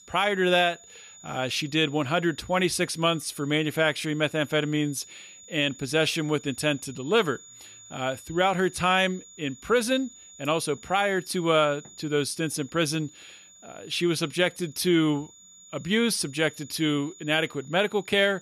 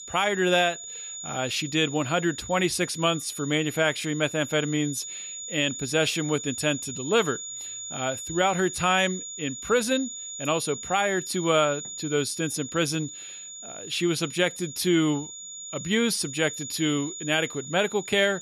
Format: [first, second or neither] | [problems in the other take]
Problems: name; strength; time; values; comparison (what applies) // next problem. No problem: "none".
first | high-pitched whine; loud; throughout; 7 kHz, 9 dB below the speech; faint in the first